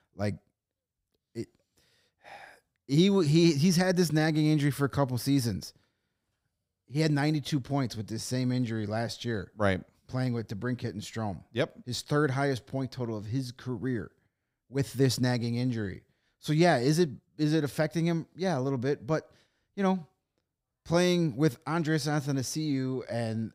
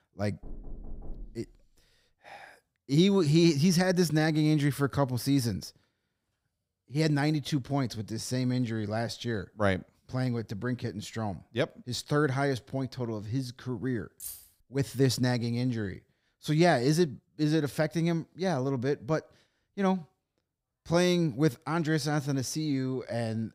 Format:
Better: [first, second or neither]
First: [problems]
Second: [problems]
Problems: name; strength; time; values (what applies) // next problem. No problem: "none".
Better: first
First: none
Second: door banging; faint; at 0.5 s; peak 20 dB below the speech // jangling keys; faint; at 14 s; peak 10 dB below the speech